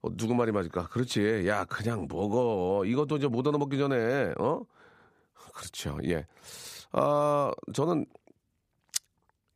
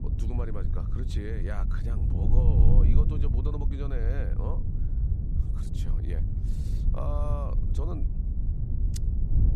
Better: first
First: none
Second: wind noise on the microphone; heavy; 3 dB below the speech

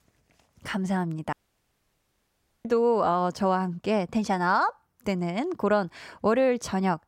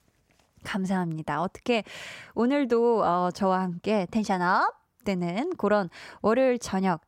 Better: second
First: audio cutting out; at 1.5 s for 1.5 s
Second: none

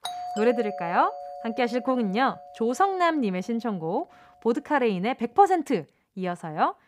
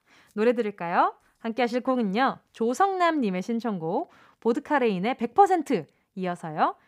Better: second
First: doorbell; noticeable; until 3 s; peak 8 dB below the speech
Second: none

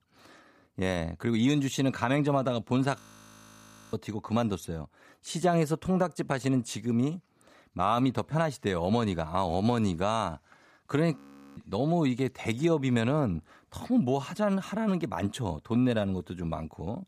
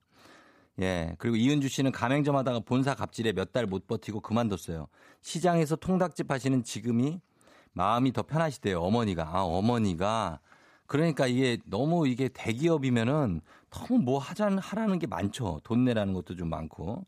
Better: second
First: audio freezing; at 3 s for 1 s and at 11 s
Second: none

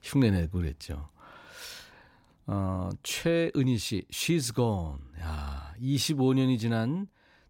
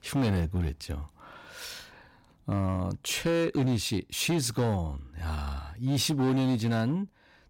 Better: first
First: none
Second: distortion; slight; 9% of the sound clipped

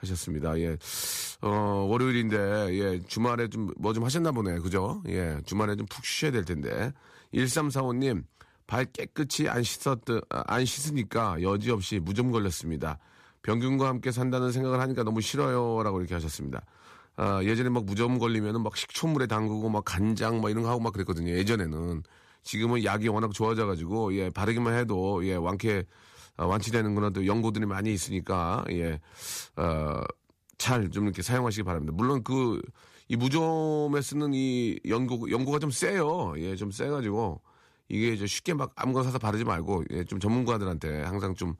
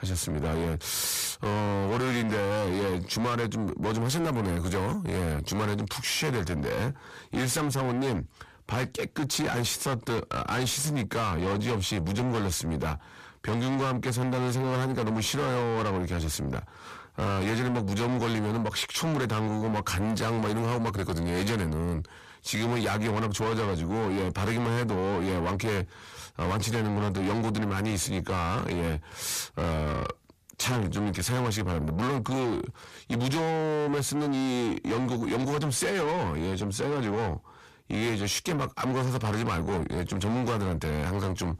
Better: first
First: none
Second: distortion; heavy; 7 dB below the speech

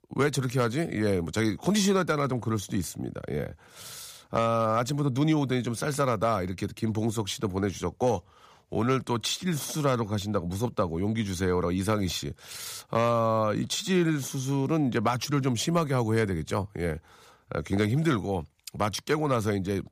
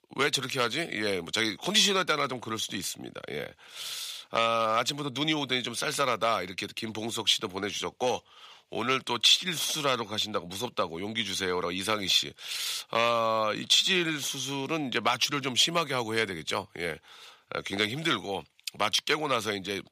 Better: first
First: none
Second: thin; somewhat; fading below 600 Hz

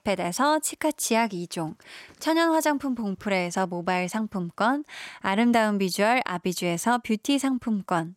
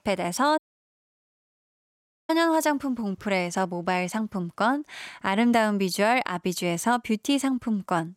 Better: first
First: none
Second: audio cutting out; at 0.5 s for 1.5 s

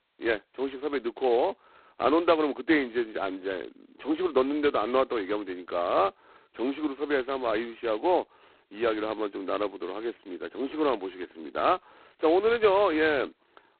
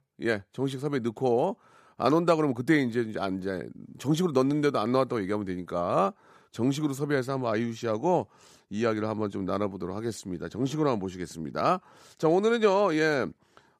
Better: second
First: phone-call audio; poor line; nothing above 4 kHz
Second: none

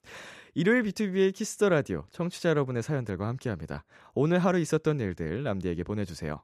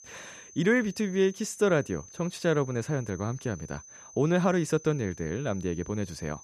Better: first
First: none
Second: high-pitched whine; noticeable; throughout; 6 kHz, 20 dB below the speech

